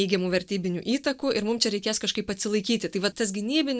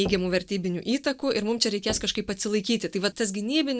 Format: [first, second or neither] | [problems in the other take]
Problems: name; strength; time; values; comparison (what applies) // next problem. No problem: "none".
first | background sound (Knock); 17 dB below the speech